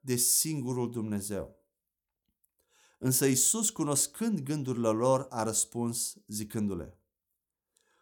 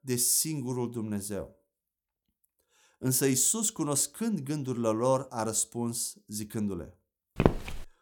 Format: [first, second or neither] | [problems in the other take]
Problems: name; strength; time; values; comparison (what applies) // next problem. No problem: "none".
first | footsteps; loud; at 7.5 s; peak 1 dB above the speech